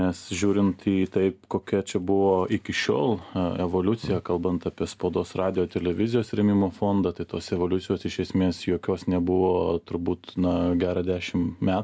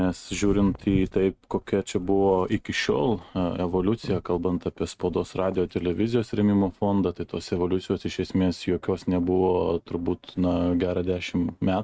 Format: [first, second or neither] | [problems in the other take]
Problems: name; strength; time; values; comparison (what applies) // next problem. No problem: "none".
first | noise reduction (neural mask model RNNoise)